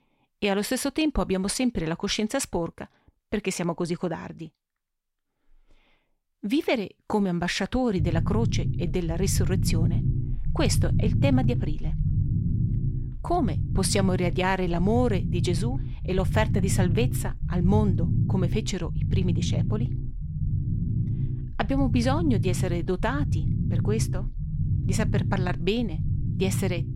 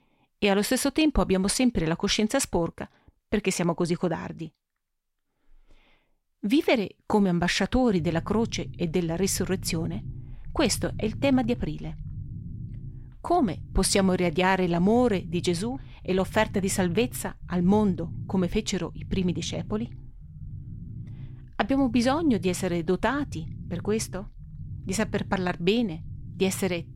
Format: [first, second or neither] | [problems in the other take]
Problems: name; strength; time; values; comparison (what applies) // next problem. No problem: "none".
second | low rumble; loud; from 8 s on; 10 dB below the speech; faint in the second